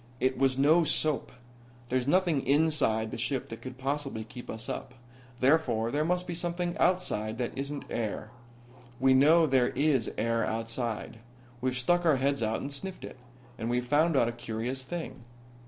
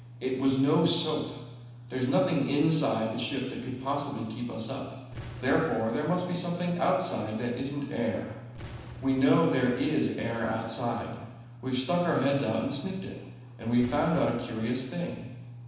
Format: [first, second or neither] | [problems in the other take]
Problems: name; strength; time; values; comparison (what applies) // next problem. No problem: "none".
first | background sound (Boom); 18 dB below the speech // room echo; dies away in 1.1 s